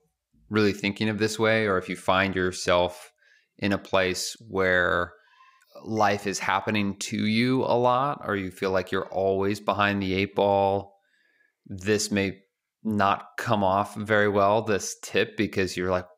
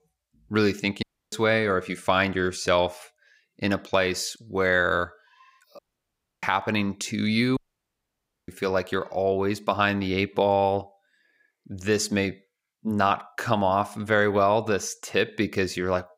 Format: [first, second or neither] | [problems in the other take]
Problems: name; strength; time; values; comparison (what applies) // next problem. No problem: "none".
first | audio cutting out; at 1 s, at 6 s for 0.5 s and at 7.5 s for 1 s